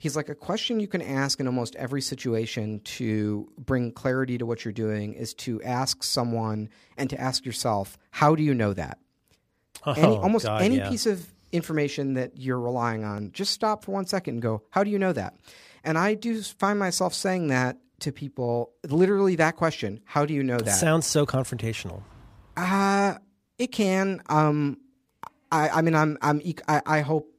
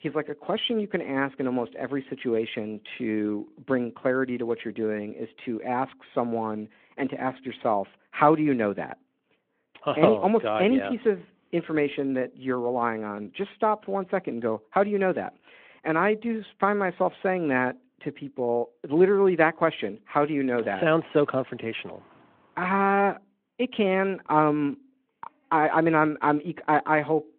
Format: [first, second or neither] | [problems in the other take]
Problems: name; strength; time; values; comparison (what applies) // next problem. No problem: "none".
first | phone-call audio